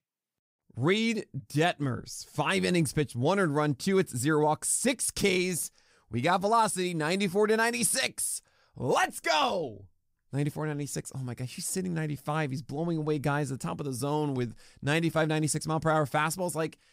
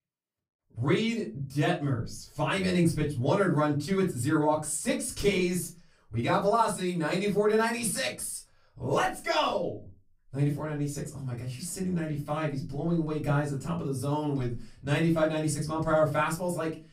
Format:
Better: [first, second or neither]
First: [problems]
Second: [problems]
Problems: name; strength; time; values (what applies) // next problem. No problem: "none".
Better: first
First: none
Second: off-mic speech; far // room echo; slight; dies away in 0.3 s